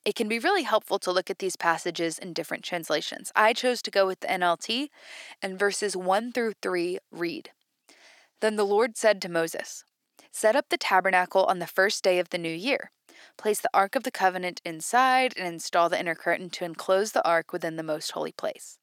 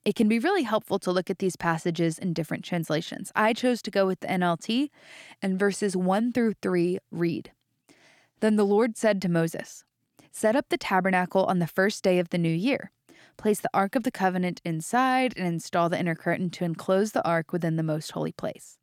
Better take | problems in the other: second | thin; somewhat; fading below 450 Hz

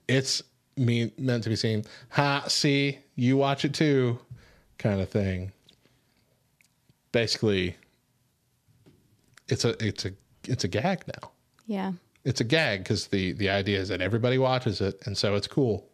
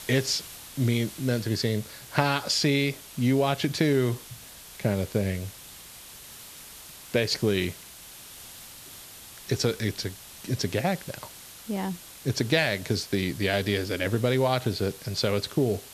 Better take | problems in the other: first | hiss; noticeable; throughout; 15 dB below the speech

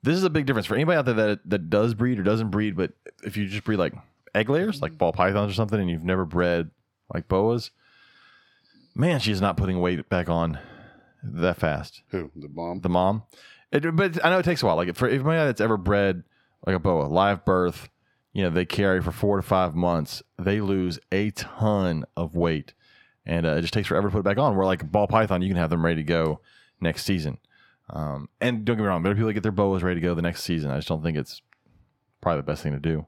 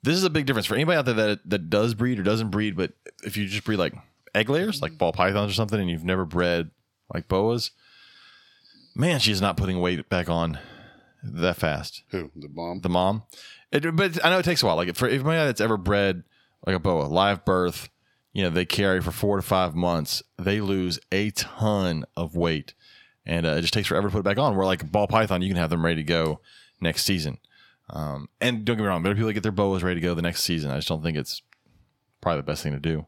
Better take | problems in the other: second | muffled; slightly; fading above 2.5 kHz

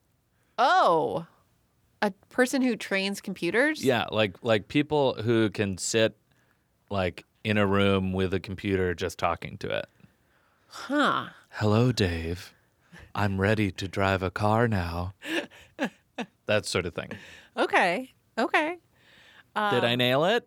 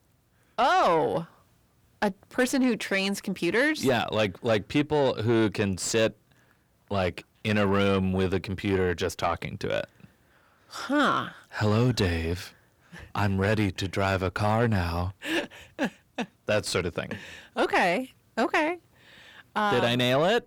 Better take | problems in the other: first | distortion; slight; 10 dB below the speech

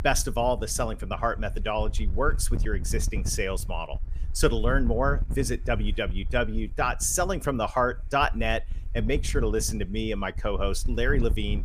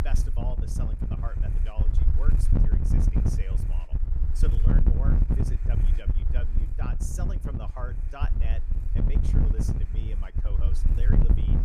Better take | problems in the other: first | wind noise on the microphone; heavy; 3 dB above the speech; occasional gusts in the first

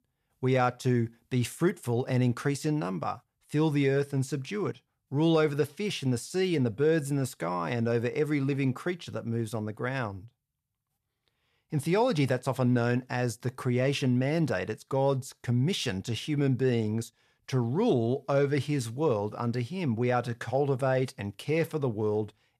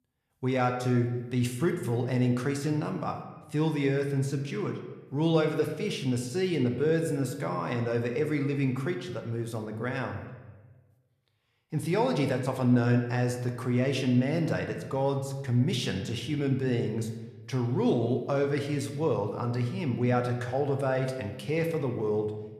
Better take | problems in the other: first | room echo; slight; dies away in 1 s

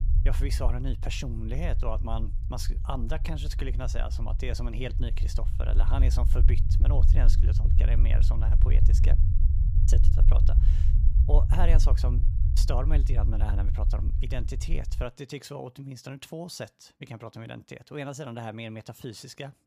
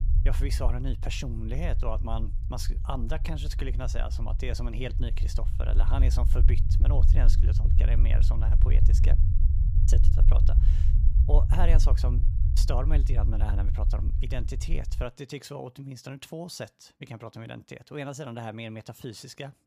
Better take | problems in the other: neither | low rumble; loud; until 15 s; 7 dB below the speech; the same in both

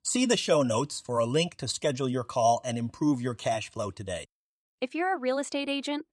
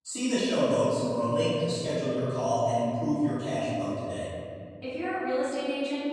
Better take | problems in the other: first | off-mic speech; far // room echo; strong; dies away in 2.4 s

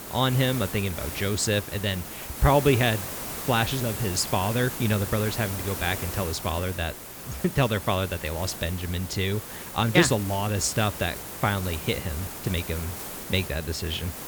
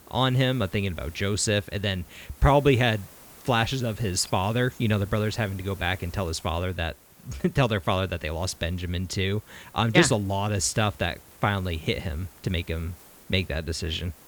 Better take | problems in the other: second | hiss; loud; throughout; 8 dB below the speech; faint in the second

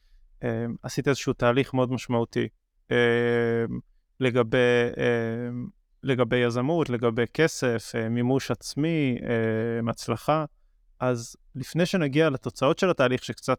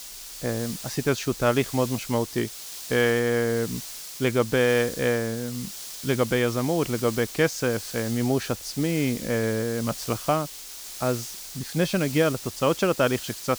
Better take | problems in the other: first | hiss; noticeable; throughout; 10 dB below the speech

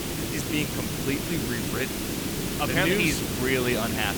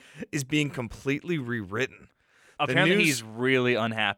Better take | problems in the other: second | hiss; loud; throughout; 1 dB below the speech

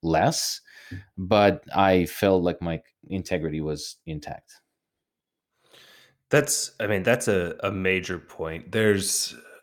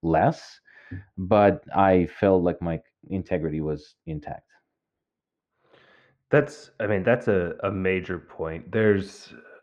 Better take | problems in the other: first | muffled; very; fading above 2 kHz

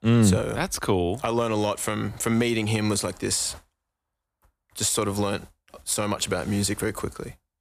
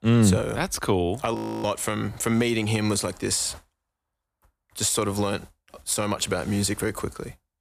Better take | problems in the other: first | audio freezing; at 1.5 s

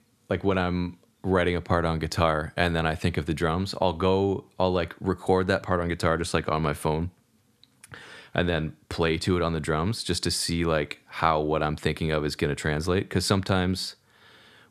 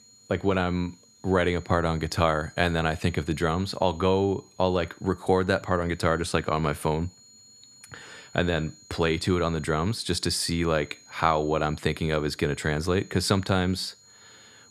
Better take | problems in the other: first | high-pitched whine; faint; throughout; 6.5 kHz, 25 dB below the speech

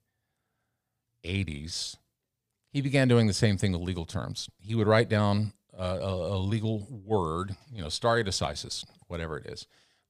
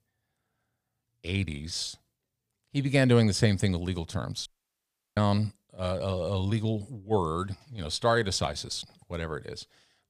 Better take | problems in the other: first | audio cutting out; at 4.5 s for 0.5 s

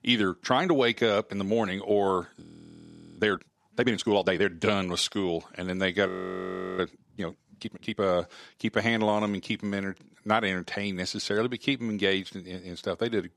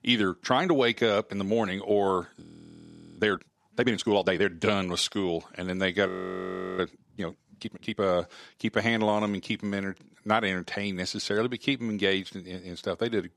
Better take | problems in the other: neither | audio freezing; at 2.5 s for 1 s and at 6 s for 0.5 s; the same in both

